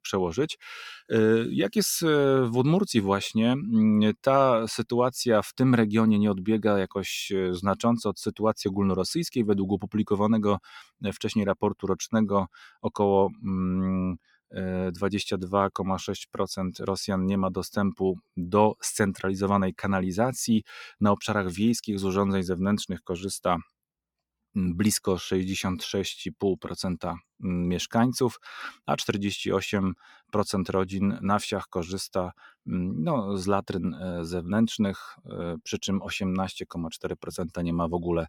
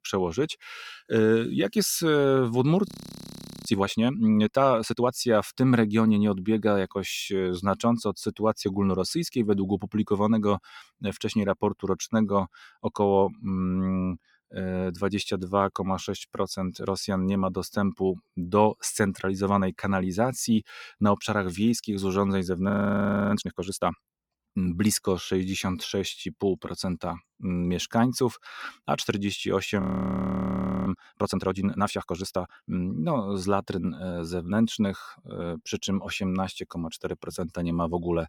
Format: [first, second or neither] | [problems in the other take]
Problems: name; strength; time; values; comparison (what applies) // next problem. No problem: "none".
first | audio freezing; at 3 s for 1 s, at 23 s for 0.5 s and at 30 s for 1 s